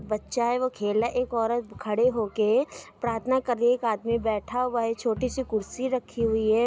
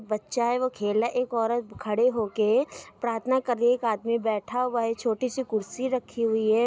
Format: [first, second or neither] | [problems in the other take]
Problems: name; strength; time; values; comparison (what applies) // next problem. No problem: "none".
second | background sound (Crowd); 19 dB below the speech